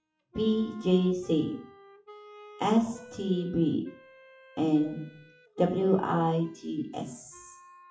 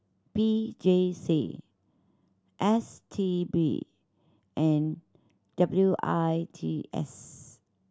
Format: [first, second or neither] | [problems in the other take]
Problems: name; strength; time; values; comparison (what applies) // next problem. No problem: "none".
second | noise reduction (classical method WPE with log-MMSE)